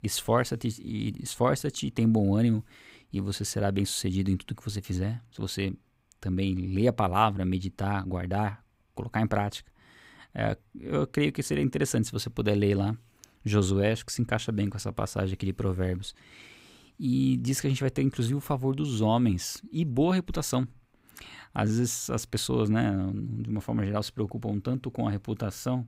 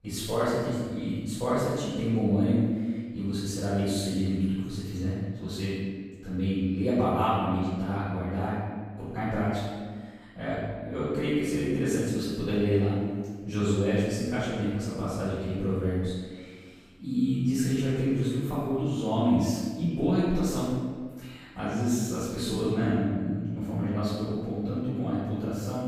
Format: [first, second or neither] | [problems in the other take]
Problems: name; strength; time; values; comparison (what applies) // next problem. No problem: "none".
first | off-mic speech; far // room echo; strong; dies away in 1.5 s